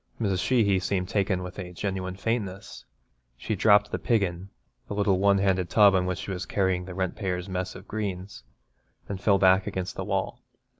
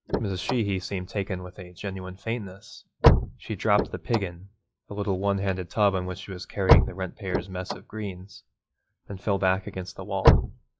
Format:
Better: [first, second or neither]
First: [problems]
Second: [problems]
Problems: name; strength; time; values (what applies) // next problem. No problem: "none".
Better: first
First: none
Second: noise reduction (classical method log-MMSE)